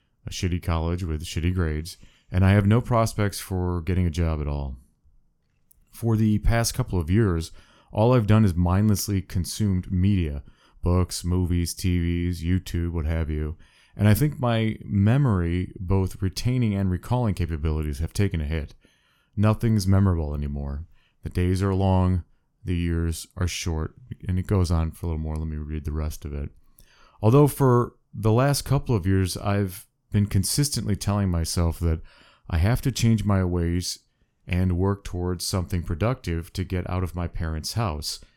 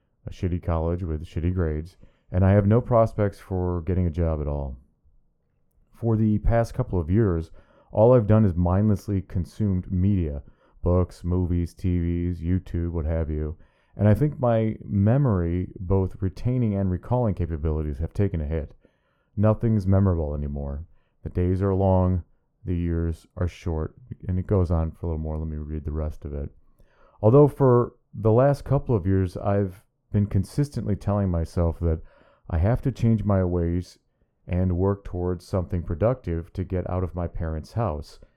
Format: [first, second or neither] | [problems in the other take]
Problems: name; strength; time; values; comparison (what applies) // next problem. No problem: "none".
first | muffled; very; fading above 2.5 kHz